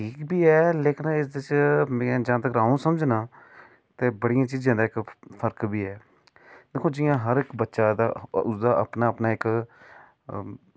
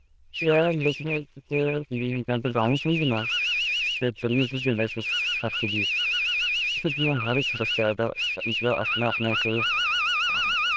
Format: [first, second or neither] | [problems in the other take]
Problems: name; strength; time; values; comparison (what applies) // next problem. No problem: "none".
first | noise reduction (neural diffusion model UNIVERSE++)